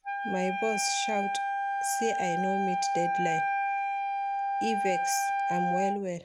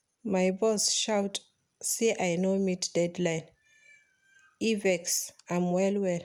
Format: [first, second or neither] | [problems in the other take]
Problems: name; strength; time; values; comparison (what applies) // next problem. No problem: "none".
second | background sound (Wind instrument, woodwind instrument); 4 dB above the speech